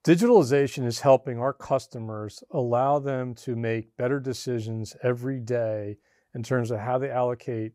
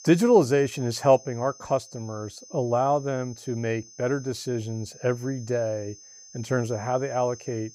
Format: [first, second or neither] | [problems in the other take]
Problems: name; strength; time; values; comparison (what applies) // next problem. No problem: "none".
first | high-pitched whine; noticeable; throughout; 6 kHz, 20 dB below the speech